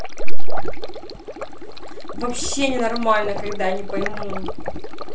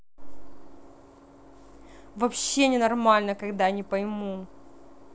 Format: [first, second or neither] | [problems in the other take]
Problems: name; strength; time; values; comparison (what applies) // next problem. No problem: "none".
second | background sound (Stream); 18 dB below the speech // room echo; dies away in 0.2 s